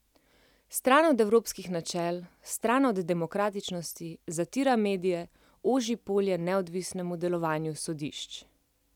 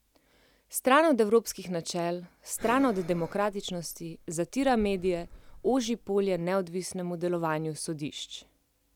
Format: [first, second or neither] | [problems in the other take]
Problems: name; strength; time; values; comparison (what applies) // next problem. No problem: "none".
first | background sound (Breathing); 17 dB below the speech